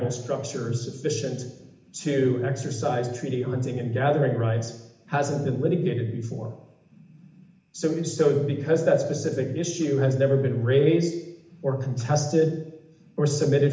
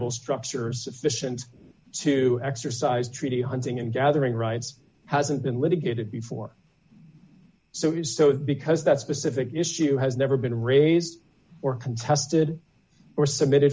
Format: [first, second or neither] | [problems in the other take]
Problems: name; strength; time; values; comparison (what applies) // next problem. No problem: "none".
second | room echo; dies away in 0.8 s